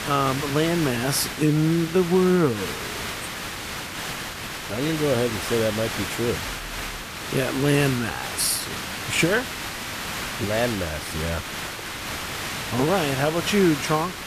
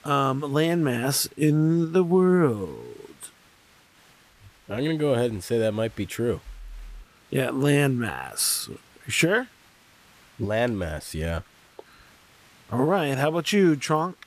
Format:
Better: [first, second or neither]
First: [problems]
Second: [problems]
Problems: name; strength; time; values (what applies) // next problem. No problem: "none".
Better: second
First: hiss; loud; throughout; 6 dB below the speech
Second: hiss; faint; throughout; 30 dB below the speech